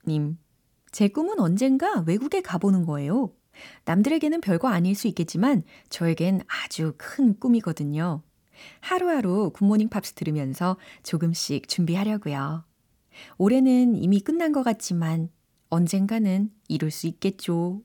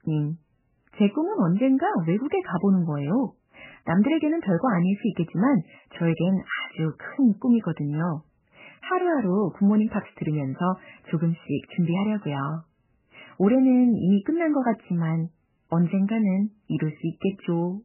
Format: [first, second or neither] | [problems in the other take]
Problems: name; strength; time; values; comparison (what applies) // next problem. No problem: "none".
first | garbled, watery; badly; nothing above 3 kHz